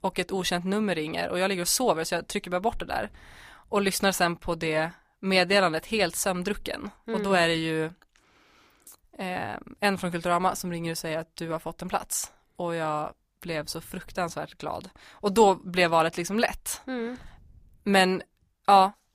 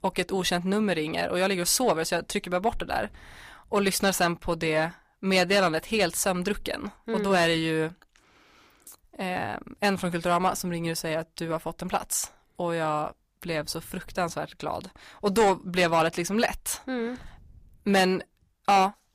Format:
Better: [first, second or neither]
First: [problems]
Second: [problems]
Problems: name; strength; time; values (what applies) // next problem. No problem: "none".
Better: first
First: none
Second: distortion; slight; 10 dB below the speech